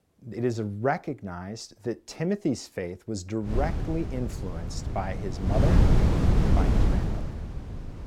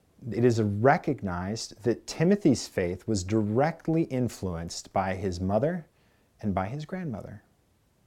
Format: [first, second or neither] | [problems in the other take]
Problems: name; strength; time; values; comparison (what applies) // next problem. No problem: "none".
second | wind noise on the microphone; heavy; from 3.5 s on; 1 dB below the speech